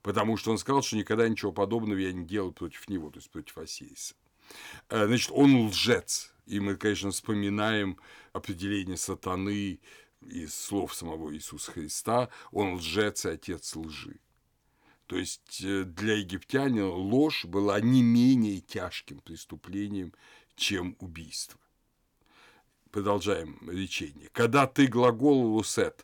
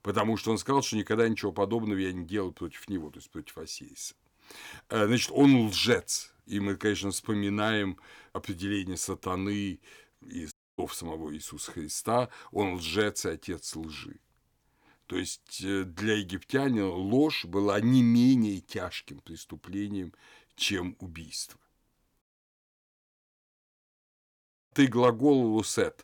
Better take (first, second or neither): first